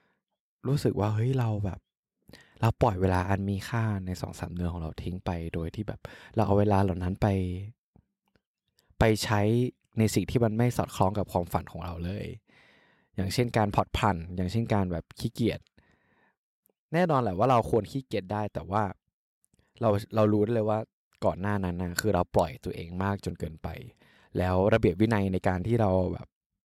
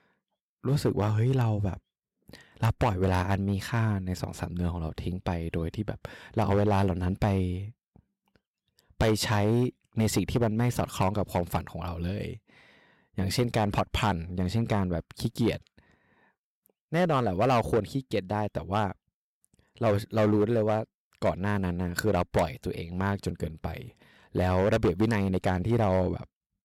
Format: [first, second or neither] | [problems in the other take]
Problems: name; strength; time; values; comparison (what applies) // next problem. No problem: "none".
first | distortion; slight; 4% of the sound clipped